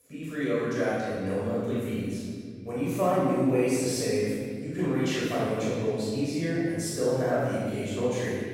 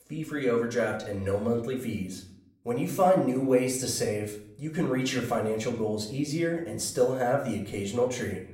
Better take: second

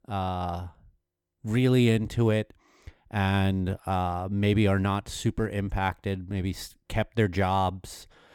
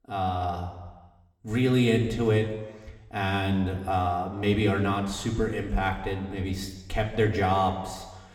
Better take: first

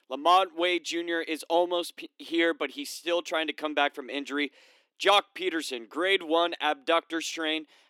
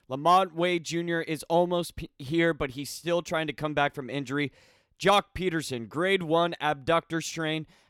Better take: second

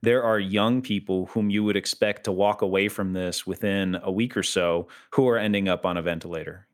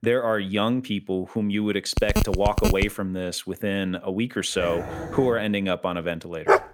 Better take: first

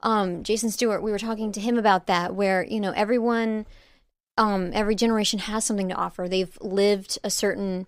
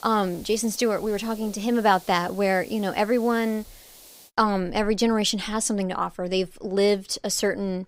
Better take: first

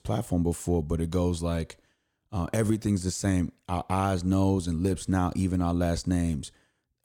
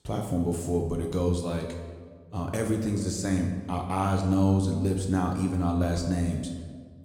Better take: first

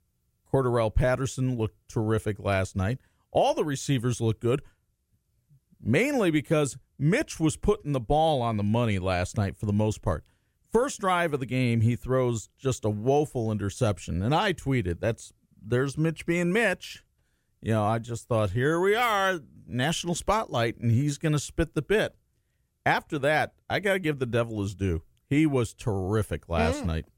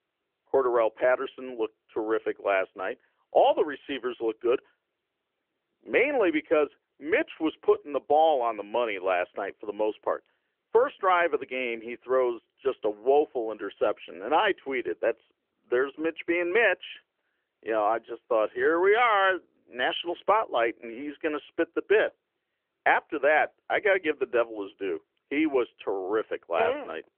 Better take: first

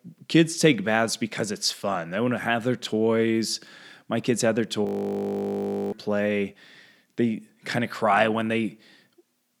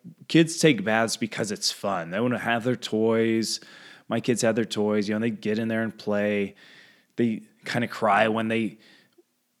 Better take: second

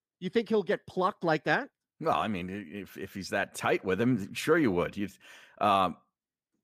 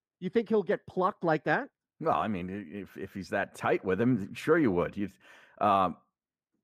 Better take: first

